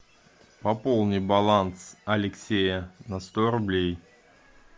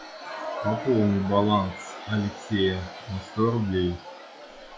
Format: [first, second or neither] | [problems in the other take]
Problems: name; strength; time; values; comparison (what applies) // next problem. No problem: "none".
first | noise reduction (classical method log-MMSE)